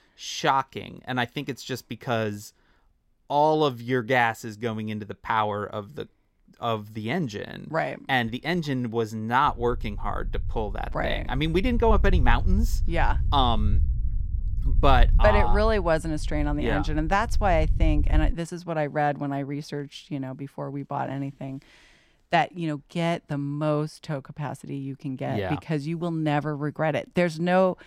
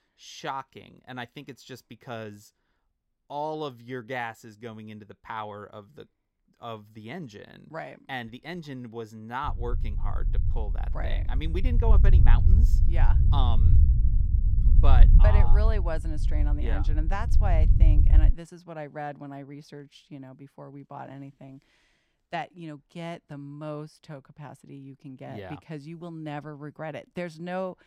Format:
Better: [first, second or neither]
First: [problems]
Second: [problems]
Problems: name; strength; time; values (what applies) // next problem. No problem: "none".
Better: first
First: low rumble; faint; from 9.5 to 18 s; 20 dB below the speech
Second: low rumble; loud; from 9.5 to 18 s; 6 dB below the speech